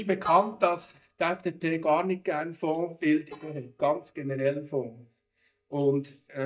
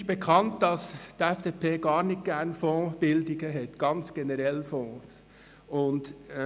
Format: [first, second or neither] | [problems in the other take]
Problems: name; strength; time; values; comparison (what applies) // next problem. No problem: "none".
second | noise reduction (neural mask model DeepFilterNet 3)